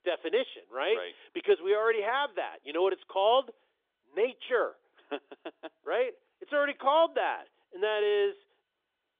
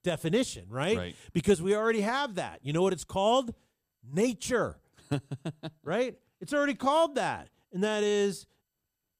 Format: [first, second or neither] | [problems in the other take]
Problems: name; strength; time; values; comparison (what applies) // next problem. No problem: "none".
second | phone-call audio; nothing above 3.5 kHz